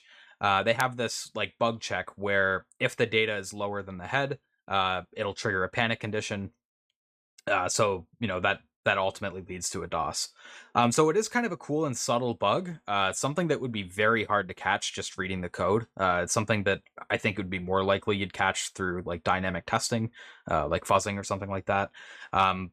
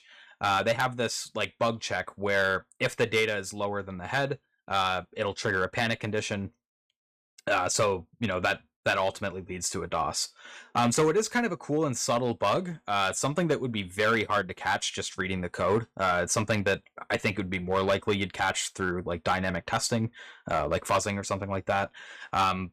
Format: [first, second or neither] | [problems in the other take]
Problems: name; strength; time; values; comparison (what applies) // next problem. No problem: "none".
first | distortion; slight; 3% of the sound clipped